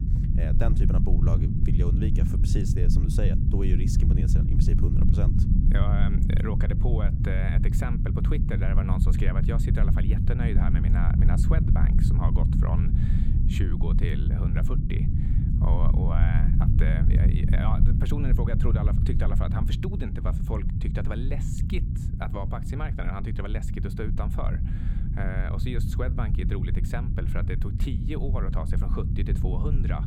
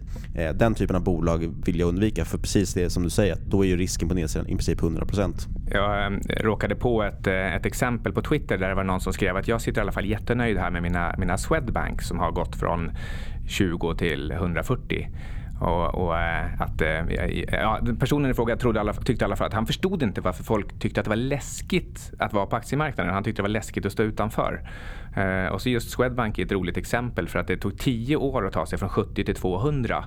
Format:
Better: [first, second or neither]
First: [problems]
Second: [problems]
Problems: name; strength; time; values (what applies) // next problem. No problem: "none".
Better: second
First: low rumble; loud; throughout; 1 dB below the speech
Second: low rumble; faint; throughout; 25 dB below the speech